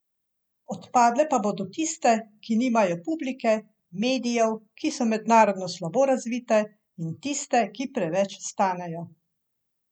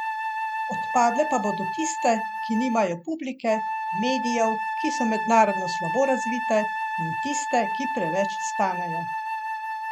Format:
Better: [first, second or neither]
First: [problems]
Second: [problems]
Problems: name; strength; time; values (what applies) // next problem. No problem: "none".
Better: first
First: none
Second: background sound (Wind instrument, woodwind instrument); 2 dB below the speech